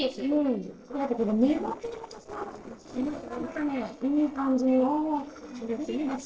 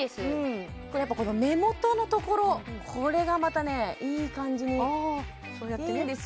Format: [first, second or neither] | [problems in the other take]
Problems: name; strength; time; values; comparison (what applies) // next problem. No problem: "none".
second | noise reduction (neural separator model SepFormer DNS4)